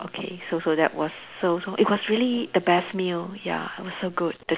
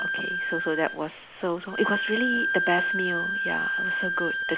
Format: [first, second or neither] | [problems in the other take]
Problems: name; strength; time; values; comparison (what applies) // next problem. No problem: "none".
first | background sound (Bowed string instrument); 1 dB above the speech